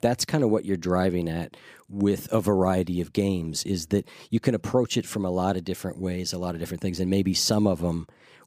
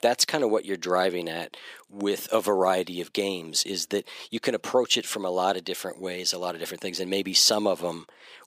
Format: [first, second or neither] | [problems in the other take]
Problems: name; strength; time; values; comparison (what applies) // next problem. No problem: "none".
first | thin; somewhat; fading below 450 Hz